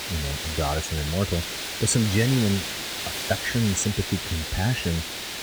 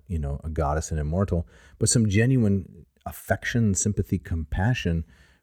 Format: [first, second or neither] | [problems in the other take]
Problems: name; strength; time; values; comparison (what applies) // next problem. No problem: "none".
second | hiss; loud; throughout; 4 dB below the speech